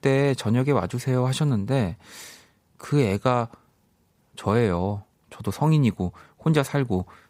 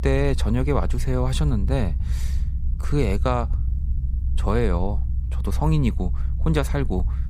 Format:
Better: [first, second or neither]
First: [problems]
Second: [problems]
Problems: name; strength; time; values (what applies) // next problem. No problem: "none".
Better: first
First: none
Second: low rumble; noticeable; throughout; 15 dB below the speech